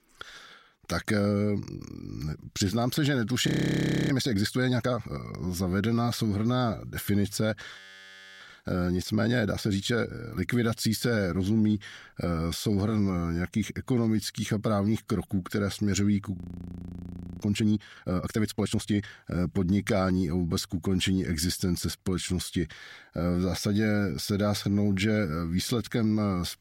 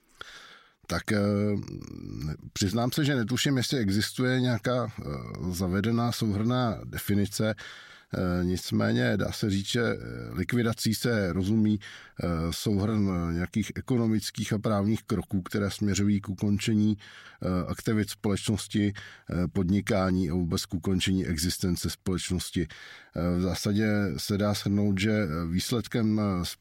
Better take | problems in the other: second | audio freezing; at 3.5 s for 0.5 s, at 8 s for 0.5 s and at 16 s for 1 s

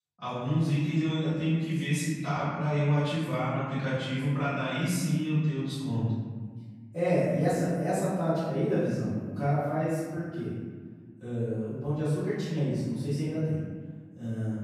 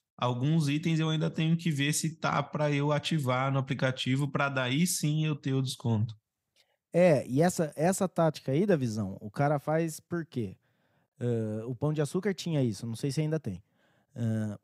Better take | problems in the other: second | off-mic speech; far // room echo; strong; dies away in 1.6 s

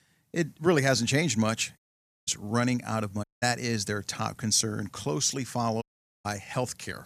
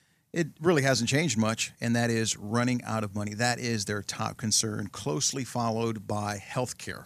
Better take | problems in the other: second | audio cutting out; at 2 s, at 3 s and at 6 s

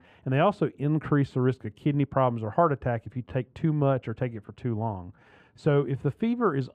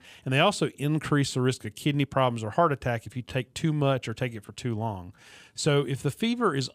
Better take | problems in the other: second | muffled; very; fading above 3 kHz

